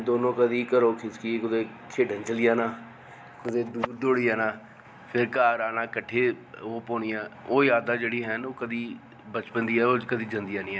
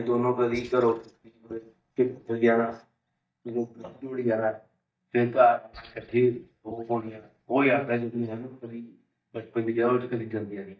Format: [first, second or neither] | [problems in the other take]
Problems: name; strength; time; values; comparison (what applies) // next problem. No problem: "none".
first | noise reduction (neural mask model DeepFilterNet 3)